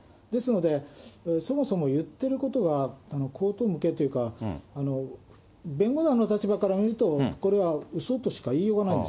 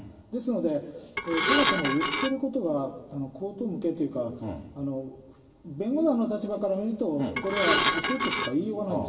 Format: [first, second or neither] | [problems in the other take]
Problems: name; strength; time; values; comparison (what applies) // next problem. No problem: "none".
first | background sound (Dishes, pots, and pans / Glass); 2 dB above the speech // room echo; dies away in 1.2 s